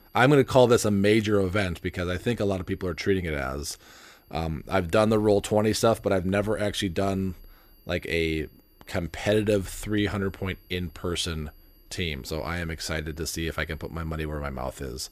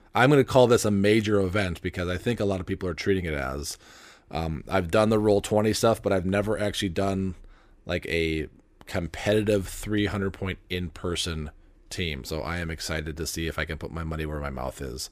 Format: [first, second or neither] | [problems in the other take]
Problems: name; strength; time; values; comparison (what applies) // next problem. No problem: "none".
second | high-pitched whine; faint; throughout; 12 kHz, 35 dB below the speech